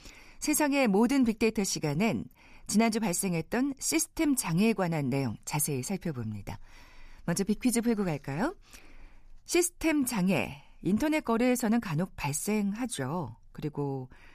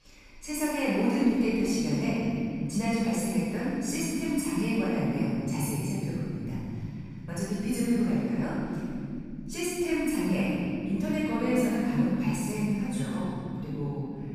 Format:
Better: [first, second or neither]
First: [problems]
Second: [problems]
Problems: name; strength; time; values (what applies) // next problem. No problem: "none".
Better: first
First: none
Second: off-mic speech; far // room echo; strong; dies away in 3 s